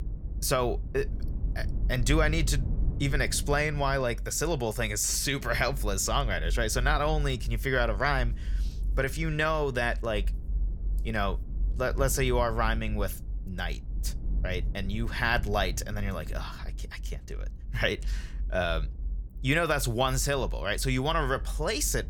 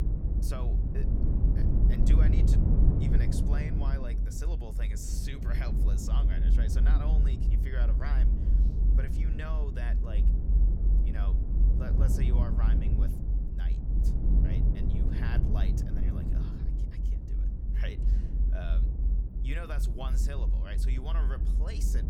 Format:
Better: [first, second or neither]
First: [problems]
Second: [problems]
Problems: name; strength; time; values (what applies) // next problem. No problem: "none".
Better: first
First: low rumble; faint; throughout; 25 dB below the speech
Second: low rumble; loud; throughout; as loud as the speech